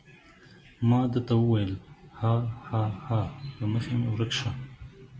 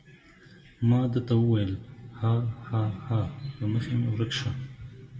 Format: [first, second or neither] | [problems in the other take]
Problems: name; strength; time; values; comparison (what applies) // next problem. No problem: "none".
first | room echo; dies away in 0.9 s